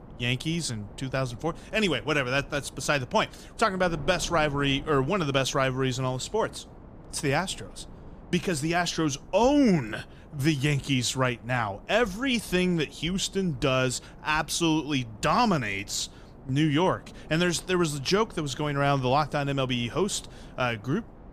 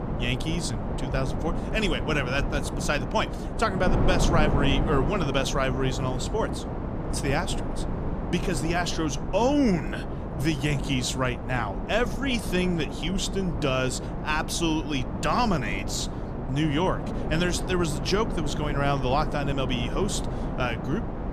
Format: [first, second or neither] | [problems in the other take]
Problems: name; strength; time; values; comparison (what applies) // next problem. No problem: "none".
first | wind noise on the microphone; heavy; 7 dB below the speech; occasional gusts in the first